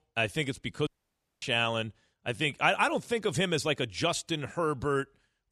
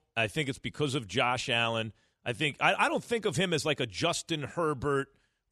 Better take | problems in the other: second | audio cutting out; at 1 s for 0.5 s

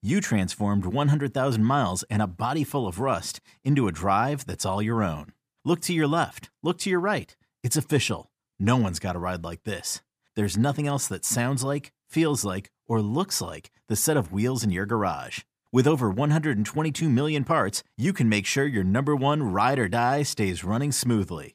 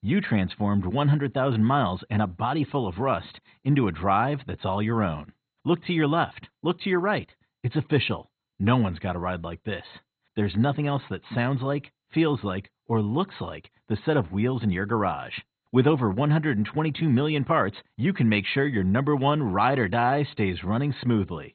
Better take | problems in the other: first | garbled, watery; badly; nothing above 4 kHz

